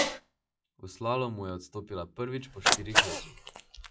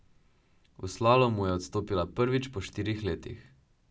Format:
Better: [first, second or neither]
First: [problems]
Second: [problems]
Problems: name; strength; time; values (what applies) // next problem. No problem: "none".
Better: second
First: noise reduction (classical method log-MMSE)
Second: none